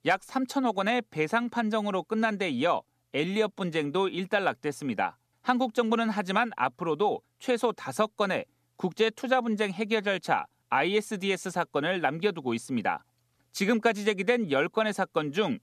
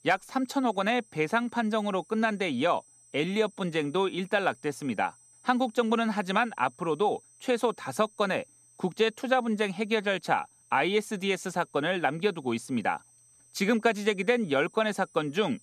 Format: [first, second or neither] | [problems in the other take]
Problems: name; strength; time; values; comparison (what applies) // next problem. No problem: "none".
first | high-pitched whine; faint; throughout; 8 kHz, 30 dB below the speech